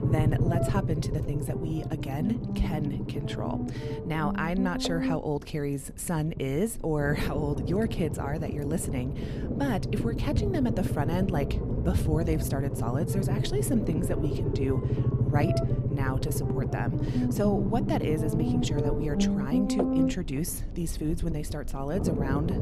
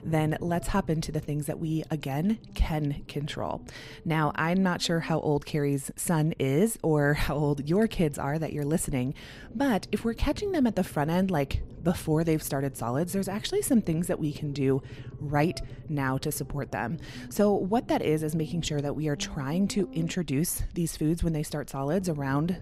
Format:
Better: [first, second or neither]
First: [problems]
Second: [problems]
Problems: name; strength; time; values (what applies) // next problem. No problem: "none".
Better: second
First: low rumble; loud; throughout; 2 dB below the speech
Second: low rumble; faint; throughout; 20 dB below the speech